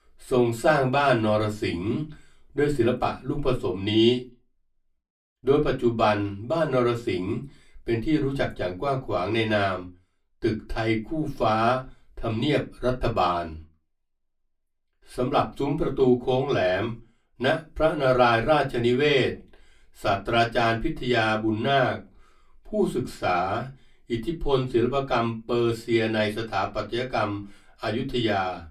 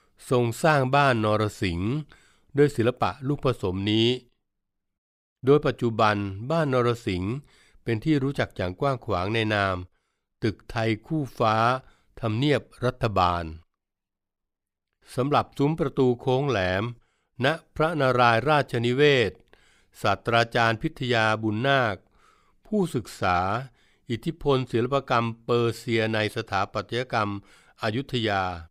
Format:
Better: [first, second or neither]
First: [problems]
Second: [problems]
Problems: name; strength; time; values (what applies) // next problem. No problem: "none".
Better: second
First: off-mic speech; far // room echo; very slight; dies away in 0.2 s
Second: none